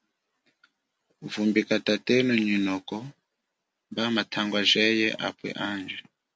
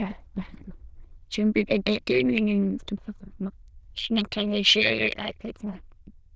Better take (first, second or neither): first